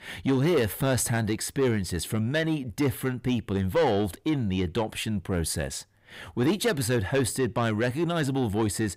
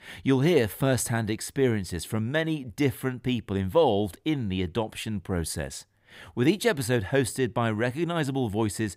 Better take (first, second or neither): second